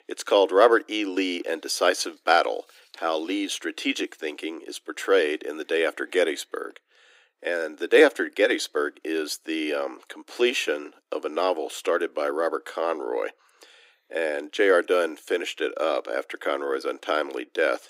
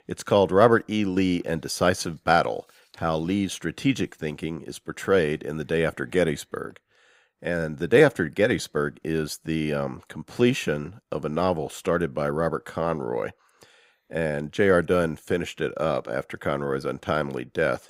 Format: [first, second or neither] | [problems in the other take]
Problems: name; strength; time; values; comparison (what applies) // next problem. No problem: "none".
second | thin; somewhat; fading below 300 Hz